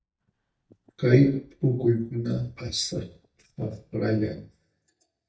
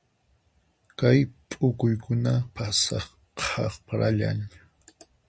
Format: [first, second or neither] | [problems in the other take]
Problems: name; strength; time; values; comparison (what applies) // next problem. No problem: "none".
second | noise reduction (neural mask model DeepFilterNet 3)